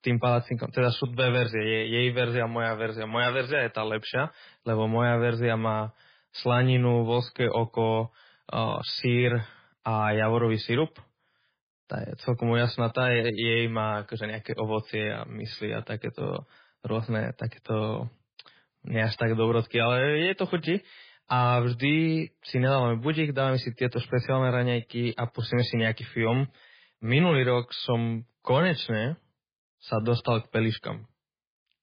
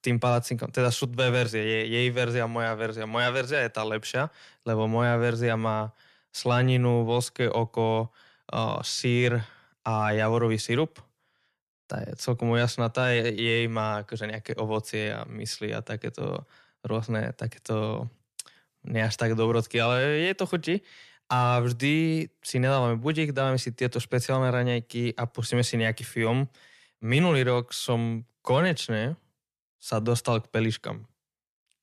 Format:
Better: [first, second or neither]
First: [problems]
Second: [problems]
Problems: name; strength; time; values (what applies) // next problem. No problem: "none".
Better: second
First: garbled, watery; badly; nothing above 5 kHz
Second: none